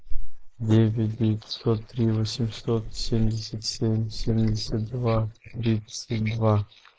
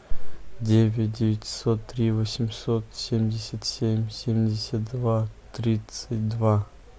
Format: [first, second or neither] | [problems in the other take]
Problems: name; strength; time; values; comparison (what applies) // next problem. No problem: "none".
second | noise reduction (neural mask model Resemble Enhance denoiser)